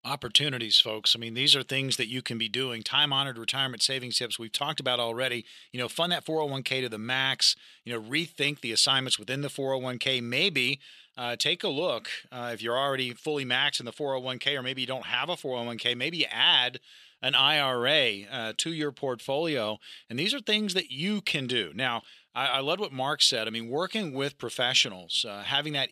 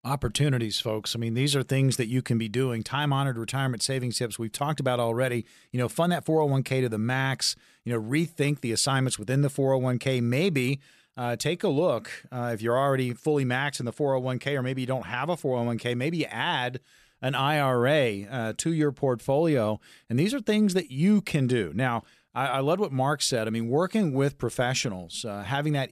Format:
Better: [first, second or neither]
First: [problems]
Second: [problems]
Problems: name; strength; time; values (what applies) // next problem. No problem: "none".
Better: second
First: thin; very slightly; fading below 650 Hz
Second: none